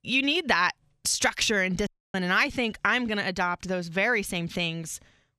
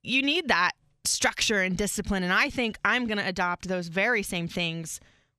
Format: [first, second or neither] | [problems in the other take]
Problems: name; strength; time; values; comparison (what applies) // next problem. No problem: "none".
second | audio cutting out; at 2 s